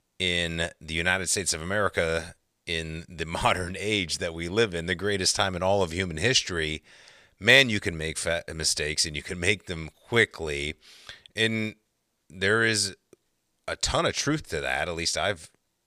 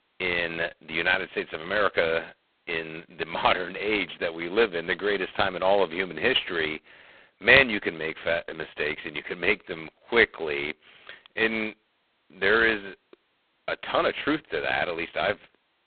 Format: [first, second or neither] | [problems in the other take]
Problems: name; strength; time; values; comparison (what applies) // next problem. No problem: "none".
first | phone-call audio; poor line; nothing above 4 kHz